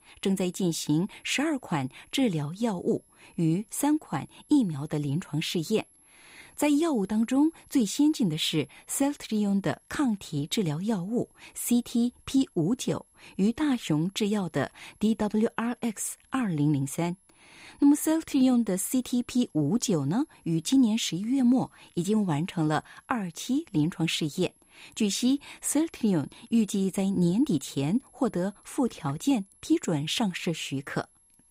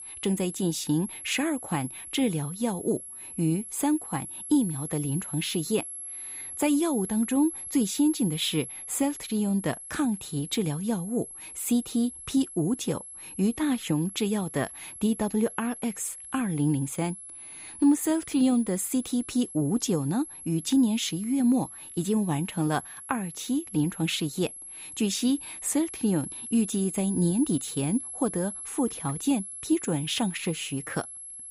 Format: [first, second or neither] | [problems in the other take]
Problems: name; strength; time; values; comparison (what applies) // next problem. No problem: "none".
first | high-pitched whine; loud; throughout; 11 kHz, 10 dB below the speech; faint in the first